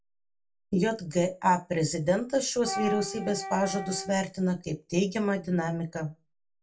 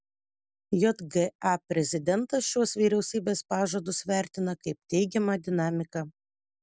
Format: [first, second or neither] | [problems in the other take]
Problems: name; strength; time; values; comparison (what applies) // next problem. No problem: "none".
second | background sound (Wind instrument, woodwind instrument); 9 dB below the speech // room echo; dies away in 0.2 s